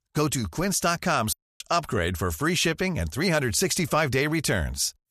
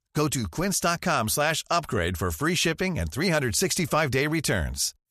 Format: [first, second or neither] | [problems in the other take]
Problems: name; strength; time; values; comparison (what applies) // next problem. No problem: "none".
second | audio cutting out; at 1.5 s